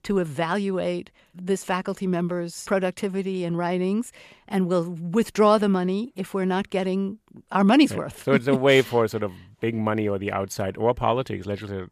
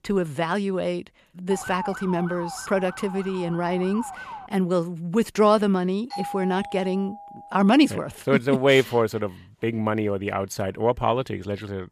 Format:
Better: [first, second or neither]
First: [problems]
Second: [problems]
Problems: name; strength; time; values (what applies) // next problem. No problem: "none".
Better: first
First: none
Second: siren; noticeable; from 1.5 to 4.5 s; peak 9 dB below the speech // doorbell; noticeable; from 6 to 8 s; peak 9 dB below the speech